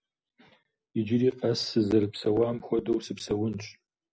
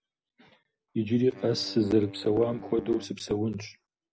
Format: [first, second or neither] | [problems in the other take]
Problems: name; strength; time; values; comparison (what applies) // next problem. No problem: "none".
first | background sound (Wind instrument, woodwind instrument); 17 dB below the speech